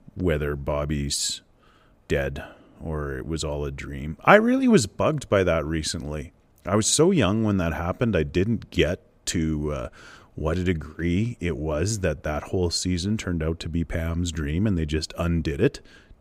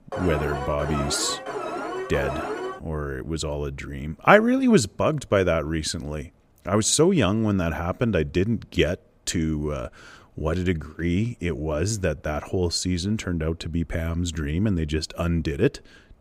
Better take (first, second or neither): first